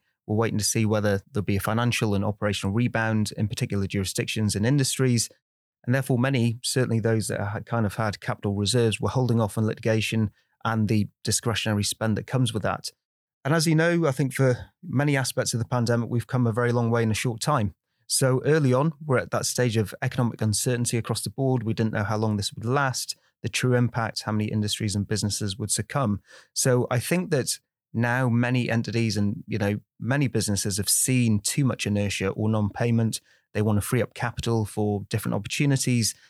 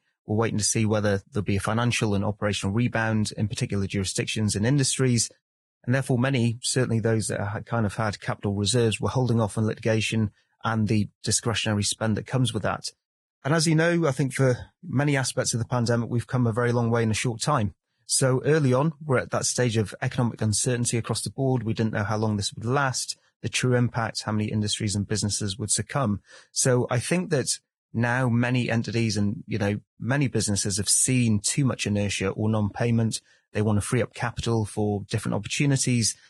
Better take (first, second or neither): first